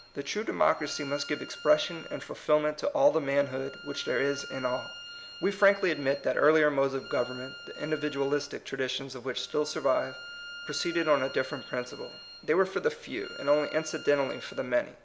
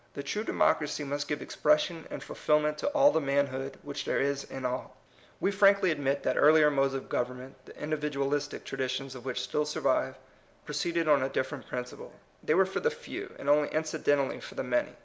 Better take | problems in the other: second | background sound (Bowed string instrument); 16 dB below the speech

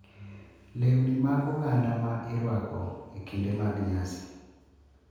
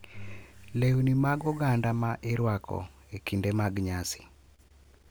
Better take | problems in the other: second | room echo; dies away in 1.2 s

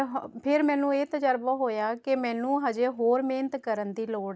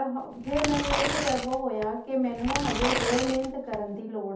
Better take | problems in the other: first | background sound (Tearing); 3 dB below the speech // room echo; dies away in 0.5 s

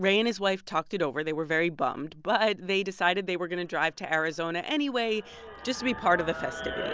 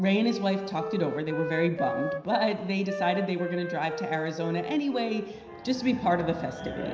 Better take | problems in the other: first | background sound (Wind instrument, woodwind instrument); 8 dB below the speech // room echo; dies away in 0.9 s

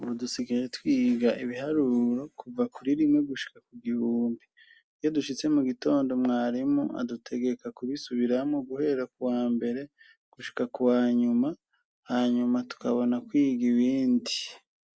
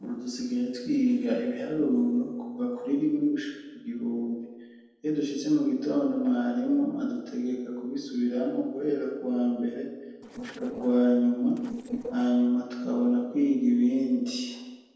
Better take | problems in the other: first | noise reduction (neural separator model SepFormer DNS4)

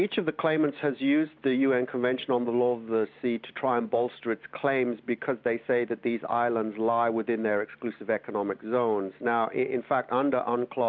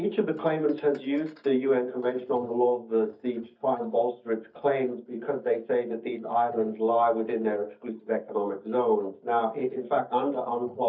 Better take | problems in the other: first | noise reduction (neural mask model DeepFilterNet 3)

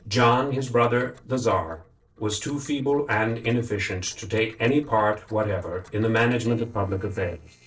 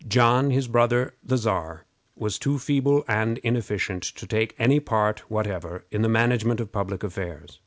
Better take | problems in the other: second | noise reduction (neural separator model SepFormer DNS4)

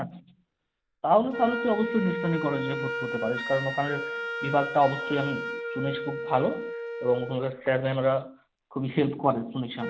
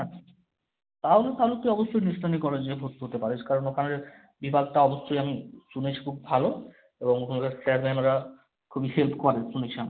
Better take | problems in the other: second | background sound (Wind instrument, woodwind instrument); 7 dB below the speech

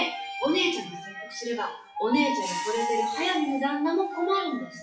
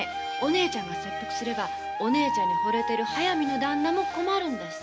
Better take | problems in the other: second | noise reduction (classical method WPE with log-MMSE)

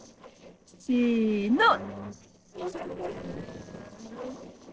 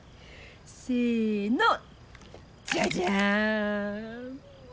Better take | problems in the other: second | noise reduction (neural separator model SepFormer DNS4)

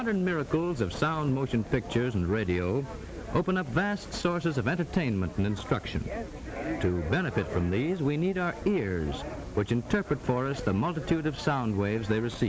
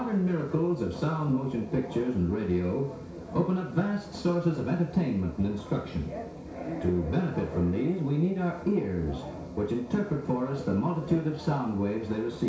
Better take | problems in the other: first | room echo; dies away in 0.6 s

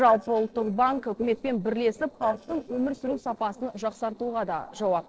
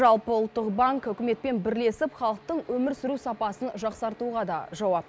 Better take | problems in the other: second | noise reduction (neural separator model SepFormer DNS4)

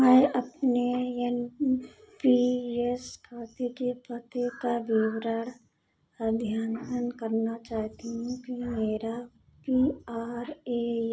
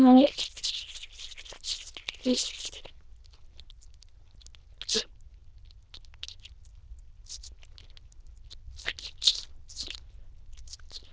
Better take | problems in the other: first | noise reduction (neural diffusion model UNIVERSE++)

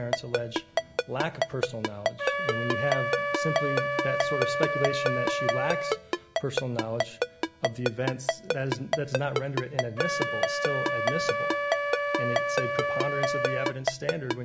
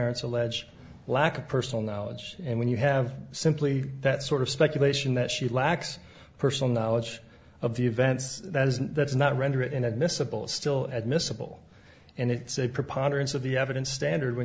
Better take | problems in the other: second | background sound (Ringtone + Wind instrument, woodwind instrument); 5 dB above the speech

